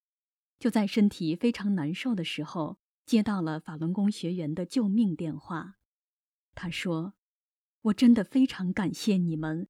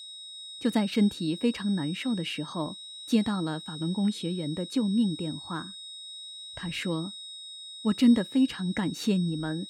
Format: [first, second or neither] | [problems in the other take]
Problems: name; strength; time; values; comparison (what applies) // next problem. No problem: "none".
first | high-pitched whine; noticeable; throughout; 4 kHz, 10 dB below the speech